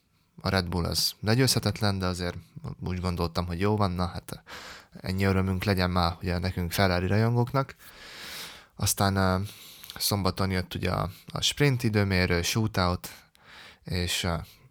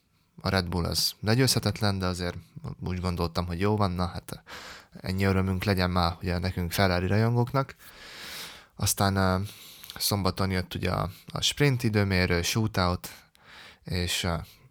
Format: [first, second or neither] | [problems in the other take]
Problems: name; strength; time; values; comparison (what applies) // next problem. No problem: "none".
neither | none